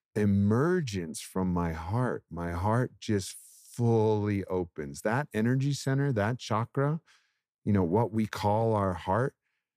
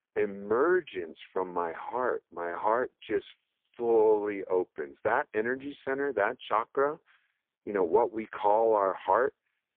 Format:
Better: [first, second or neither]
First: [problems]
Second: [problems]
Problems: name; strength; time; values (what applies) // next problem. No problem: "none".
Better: first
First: none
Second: phone-call audio; poor line